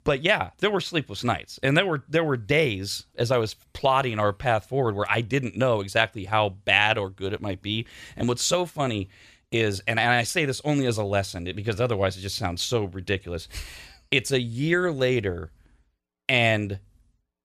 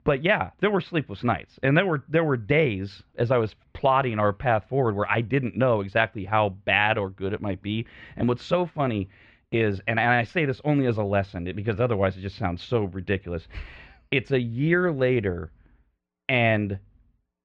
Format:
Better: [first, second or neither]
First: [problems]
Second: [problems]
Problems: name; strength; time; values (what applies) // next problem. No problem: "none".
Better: first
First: none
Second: muffled; very; fading above 2.5 kHz